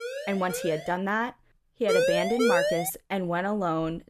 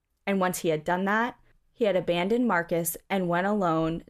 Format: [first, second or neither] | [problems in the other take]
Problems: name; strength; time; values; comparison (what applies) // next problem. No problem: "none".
second | siren; noticeable; at the start; peak 7 dB below the speech // siren; loud; from 2 to 3 s; peak 4 dB above the speech